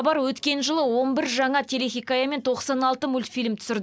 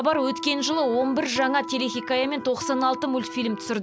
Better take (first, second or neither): first